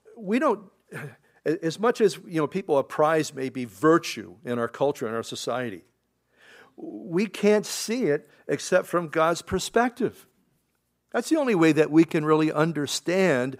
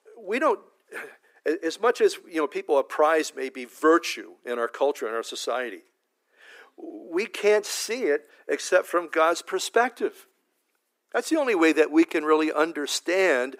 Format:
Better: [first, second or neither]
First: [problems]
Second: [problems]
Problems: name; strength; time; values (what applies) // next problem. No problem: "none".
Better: first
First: none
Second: thin; somewhat; fading below 300 Hz